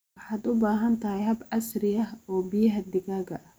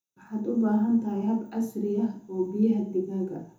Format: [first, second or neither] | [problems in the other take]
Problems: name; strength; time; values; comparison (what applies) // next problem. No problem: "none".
first | room echo; dies away in 0.6 s